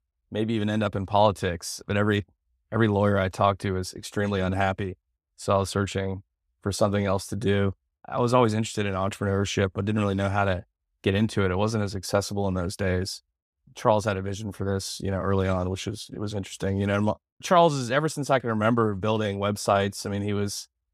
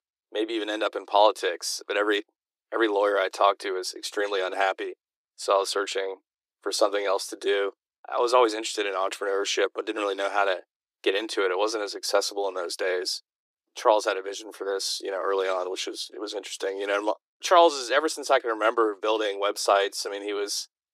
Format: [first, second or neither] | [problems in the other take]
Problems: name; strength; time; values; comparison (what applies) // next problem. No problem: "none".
first | thin; very; fading below 300 Hz